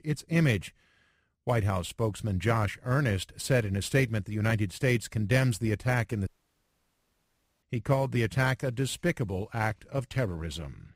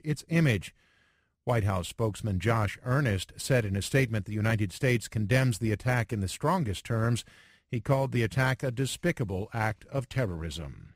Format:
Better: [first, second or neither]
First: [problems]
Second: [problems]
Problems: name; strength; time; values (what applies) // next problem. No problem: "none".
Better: second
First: audio cutting out; at 6.5 s for 1.5 s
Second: none